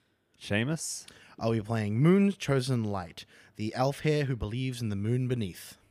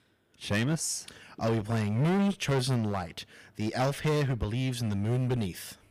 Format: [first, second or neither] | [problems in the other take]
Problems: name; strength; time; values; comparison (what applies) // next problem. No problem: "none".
first | distortion; heavy; 13% of the sound clipped